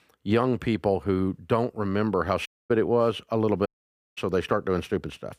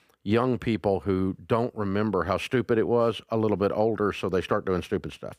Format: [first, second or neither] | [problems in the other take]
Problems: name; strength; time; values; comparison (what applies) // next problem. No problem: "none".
second | audio cutting out; at 2.5 s and at 3.5 s for 0.5 s